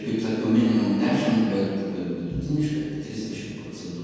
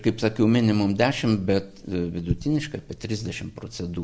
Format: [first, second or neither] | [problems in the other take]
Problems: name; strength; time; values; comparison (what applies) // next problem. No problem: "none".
second | room echo; dies away in 2 s